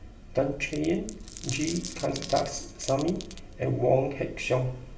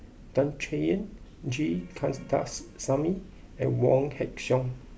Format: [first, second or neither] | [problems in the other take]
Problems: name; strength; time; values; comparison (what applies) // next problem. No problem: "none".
second | background sound (Glass); 13 dB below the speech // room echo; dies away in 0.9 s